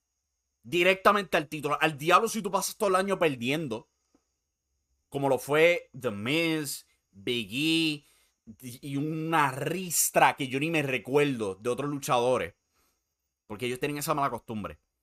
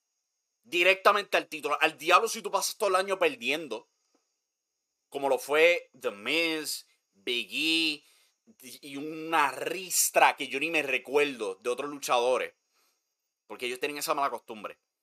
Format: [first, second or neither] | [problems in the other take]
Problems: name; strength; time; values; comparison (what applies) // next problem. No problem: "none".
first | thin; somewhat; fading below 450 Hz